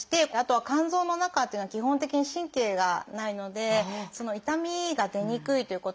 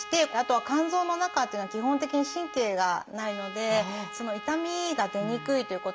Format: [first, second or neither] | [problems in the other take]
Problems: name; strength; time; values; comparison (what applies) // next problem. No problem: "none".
first | background sound (Trumpet); 13 dB below the speech